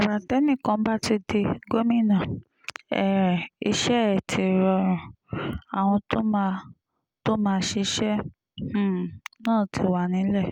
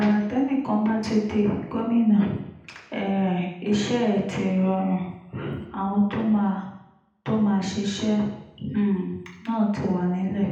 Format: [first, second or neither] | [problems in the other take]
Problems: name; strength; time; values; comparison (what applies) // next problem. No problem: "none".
first | room echo; dies away in 0.8 s